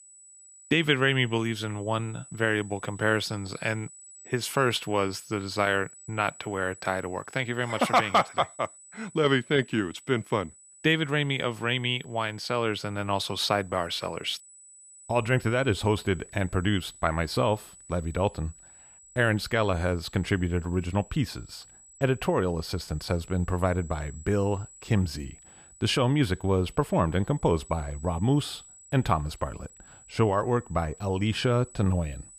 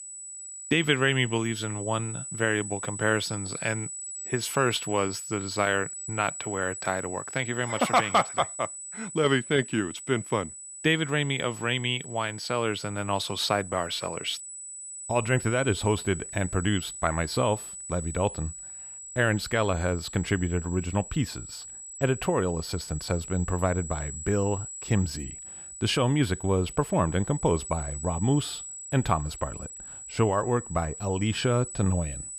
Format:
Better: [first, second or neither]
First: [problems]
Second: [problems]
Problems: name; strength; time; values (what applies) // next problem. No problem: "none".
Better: first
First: high-pitched whine; faint; throughout; 8 kHz, 20 dB below the speech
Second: high-pitched whine; loud; throughout; 8 kHz, 9 dB below the speech